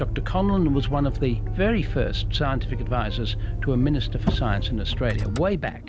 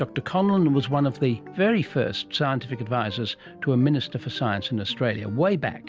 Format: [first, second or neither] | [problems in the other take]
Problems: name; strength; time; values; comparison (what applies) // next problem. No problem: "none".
second | background sound (Motor vehicle (road)); 1 dB below the speech